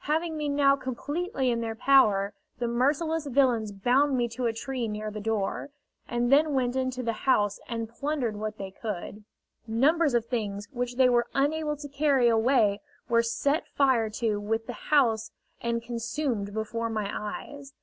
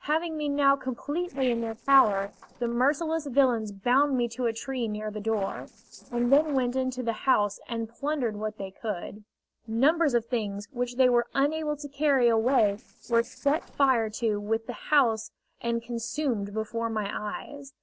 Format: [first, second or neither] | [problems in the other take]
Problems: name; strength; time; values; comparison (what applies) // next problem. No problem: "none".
first | noise reduction (neural separator model SepFormer DNS4)